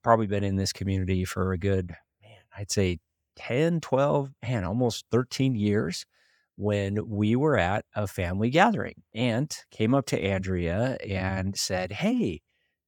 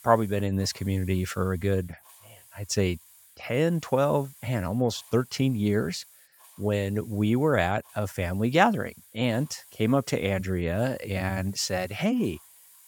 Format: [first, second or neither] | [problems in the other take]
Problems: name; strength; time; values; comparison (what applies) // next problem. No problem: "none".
first | hiss; faint; throughout; 25 dB below the speech